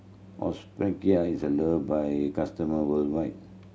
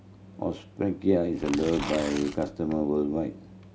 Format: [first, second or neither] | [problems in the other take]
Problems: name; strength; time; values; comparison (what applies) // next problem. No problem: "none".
first | background sound (Tearing); 11 dB below the speech